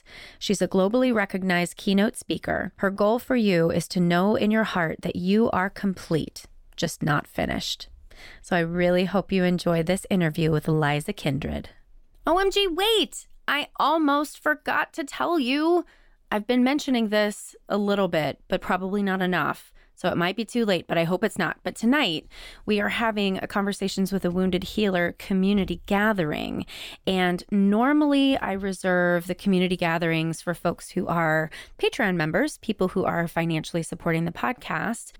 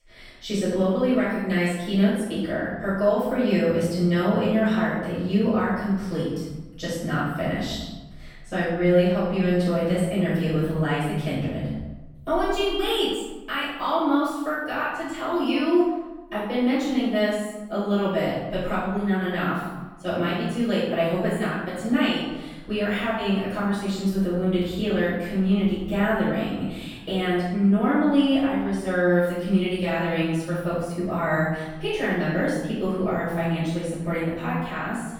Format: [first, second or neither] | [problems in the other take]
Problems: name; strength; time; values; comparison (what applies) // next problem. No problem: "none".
first | off-mic speech; far // room echo; strong; dies away in 1.2 s